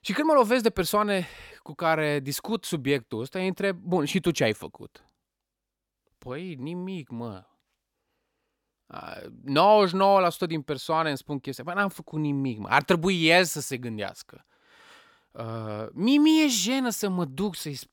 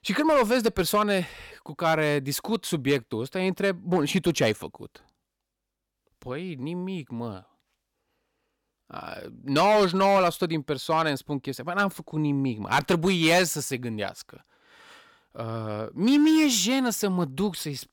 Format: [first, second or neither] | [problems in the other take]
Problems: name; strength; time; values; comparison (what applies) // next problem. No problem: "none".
first | distortion; slight; 4% of the sound clipped